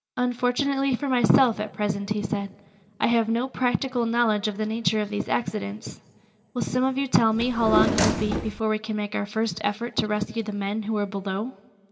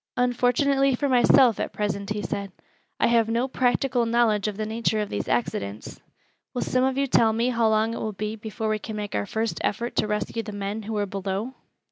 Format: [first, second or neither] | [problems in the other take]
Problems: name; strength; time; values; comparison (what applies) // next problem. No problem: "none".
second | background sound (Drawer open or close); as loud as the speech // room echo; dies away in 0.3 s